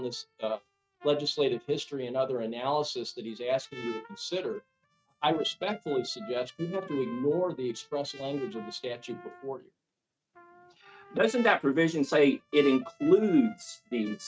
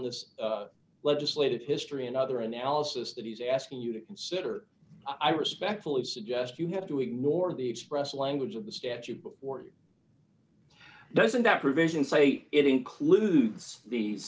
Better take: second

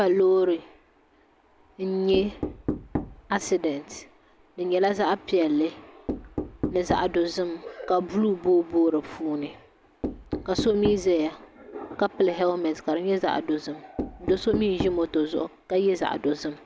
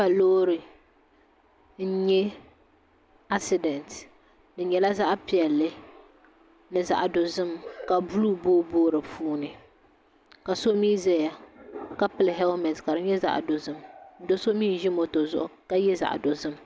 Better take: second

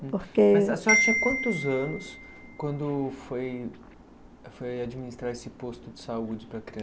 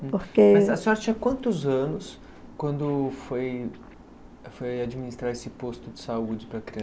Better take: second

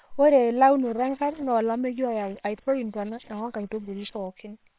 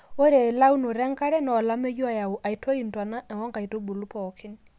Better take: second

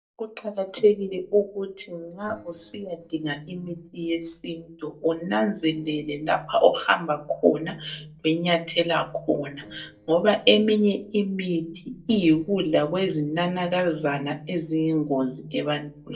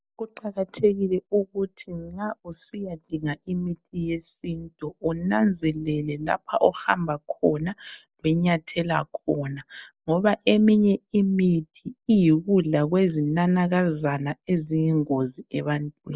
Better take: second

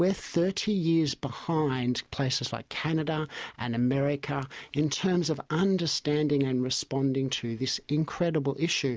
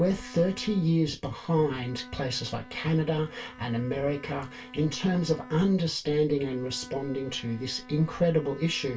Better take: first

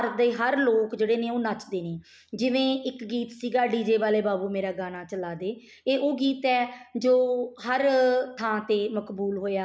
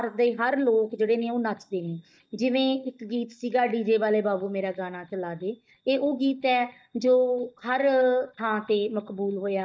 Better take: first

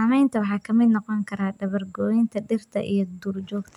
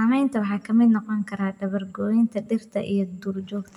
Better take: first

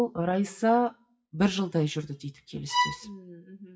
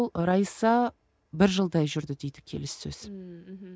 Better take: second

